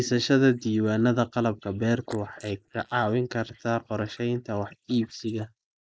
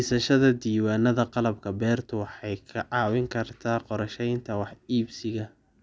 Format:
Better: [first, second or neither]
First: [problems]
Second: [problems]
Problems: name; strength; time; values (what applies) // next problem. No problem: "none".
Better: second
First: noise reduction (neural mask model Resemble Enhance denoiser)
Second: none